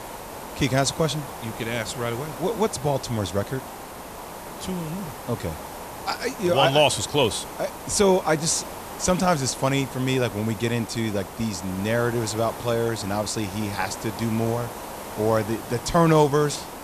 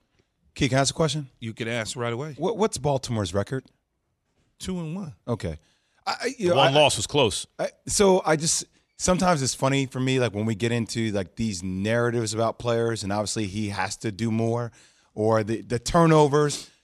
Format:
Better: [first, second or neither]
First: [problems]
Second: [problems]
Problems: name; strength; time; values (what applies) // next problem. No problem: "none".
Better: second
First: hiss; noticeable; throughout; 10 dB below the speech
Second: none